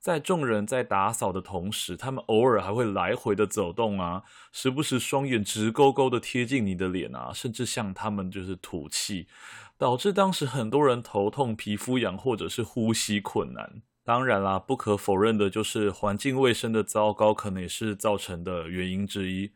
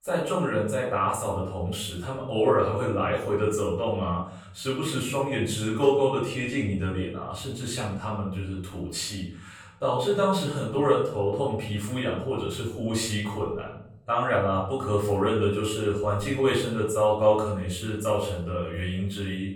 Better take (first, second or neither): first